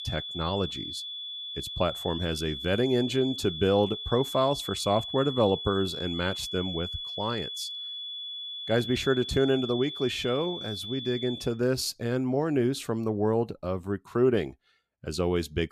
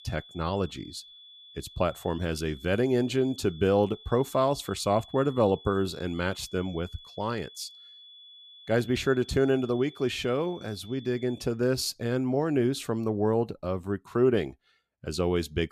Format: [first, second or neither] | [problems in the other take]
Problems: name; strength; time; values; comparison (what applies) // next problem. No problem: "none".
second | high-pitched whine; loud; until 11 s; 3.5 kHz, 7 dB below the speech; faint in the second